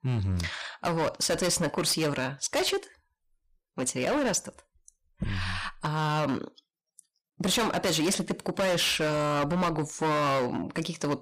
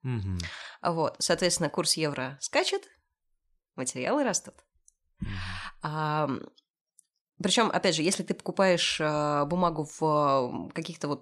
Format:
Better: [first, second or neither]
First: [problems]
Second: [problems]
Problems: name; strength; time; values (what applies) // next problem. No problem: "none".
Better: second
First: distortion; heavy; 16% of the sound clipped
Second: none